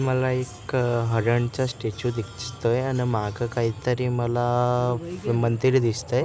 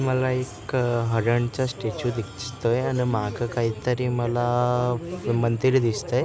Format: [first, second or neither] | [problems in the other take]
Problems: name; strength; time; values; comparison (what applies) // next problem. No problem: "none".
first | background sound (Subway, metro, underground); 16 dB below the speech